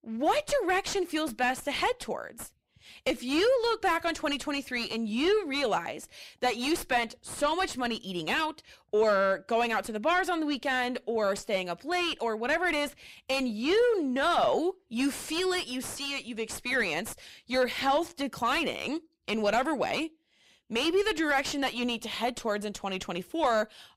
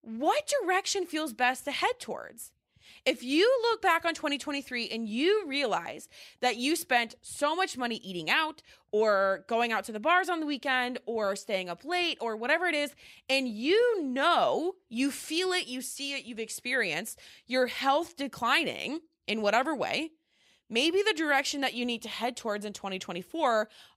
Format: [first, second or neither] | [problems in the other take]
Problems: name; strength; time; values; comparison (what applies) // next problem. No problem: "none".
second | distortion; slight; 9 dB below the speech